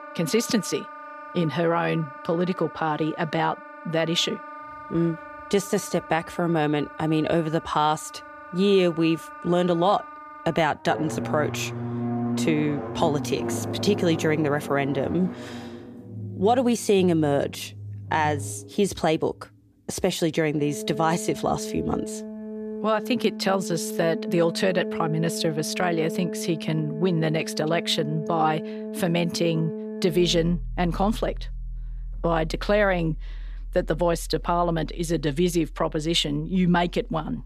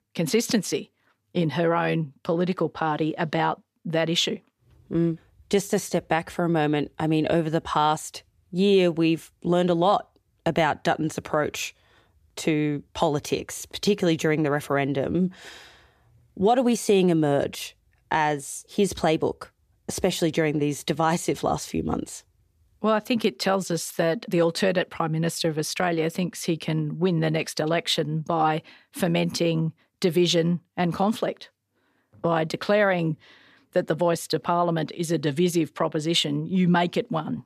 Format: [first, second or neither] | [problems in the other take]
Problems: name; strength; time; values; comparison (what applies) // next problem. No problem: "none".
second | background music; noticeable; throughout; 10 dB below the speech